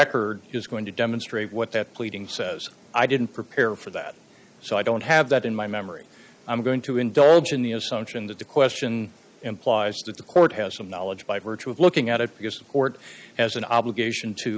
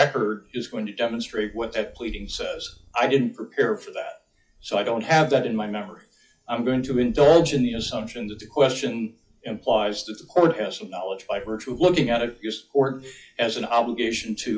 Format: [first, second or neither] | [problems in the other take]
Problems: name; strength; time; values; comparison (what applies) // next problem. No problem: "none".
first | noise reduction (classical method WPE with log-MMSE)